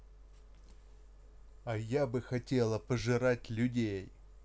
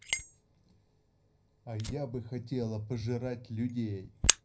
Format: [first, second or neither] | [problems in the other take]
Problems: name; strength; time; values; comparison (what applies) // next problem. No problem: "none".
first | background sound (Fire); as loud as the speech // room echo; dies away in 0.5 s